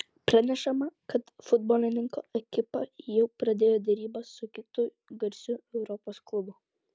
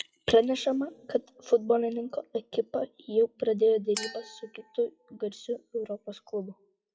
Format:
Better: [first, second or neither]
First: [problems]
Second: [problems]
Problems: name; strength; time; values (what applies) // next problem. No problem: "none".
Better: first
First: none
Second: noise reduction (classical method WPE with log-MMSE)